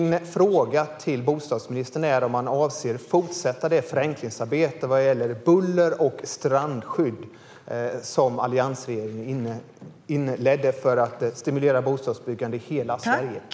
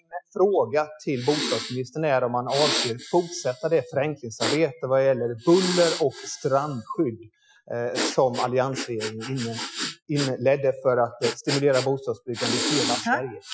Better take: first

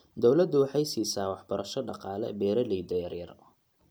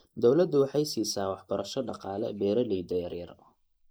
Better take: first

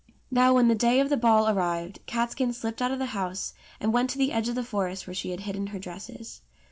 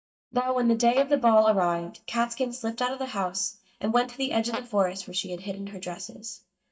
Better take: first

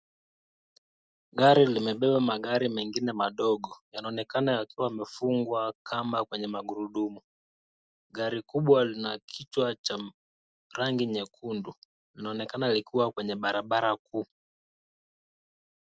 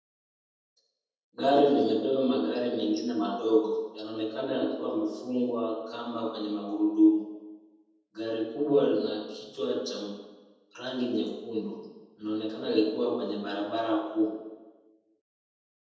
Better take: first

